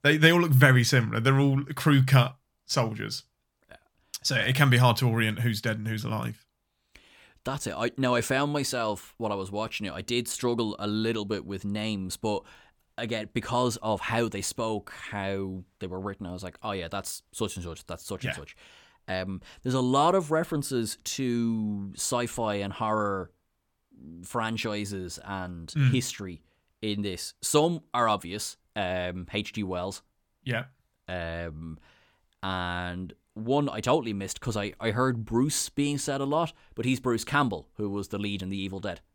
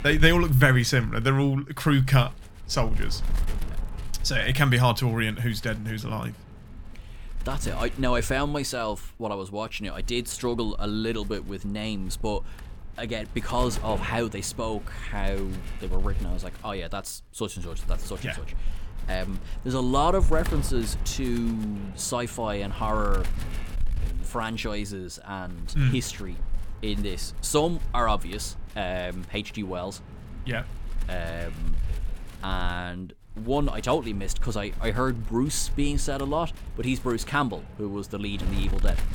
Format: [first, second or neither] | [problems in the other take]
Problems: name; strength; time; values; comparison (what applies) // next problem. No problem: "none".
first | wind noise on the microphone; occasional gusts; 20 dB below the speech